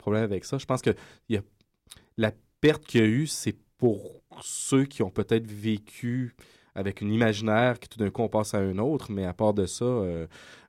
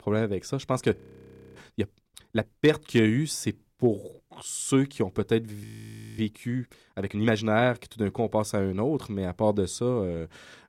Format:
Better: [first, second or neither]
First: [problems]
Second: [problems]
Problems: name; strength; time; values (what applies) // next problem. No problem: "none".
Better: first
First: none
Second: audio freezing; at 1 s for 0.5 s and at 5.5 s for 0.5 s